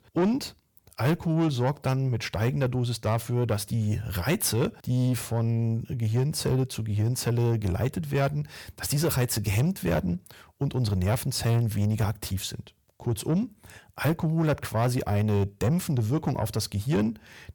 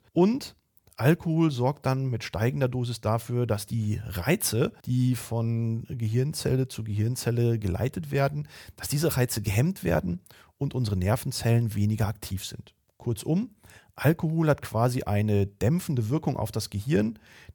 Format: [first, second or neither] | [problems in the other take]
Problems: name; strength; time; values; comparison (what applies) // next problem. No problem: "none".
second | distortion; slight; 10 dB below the speech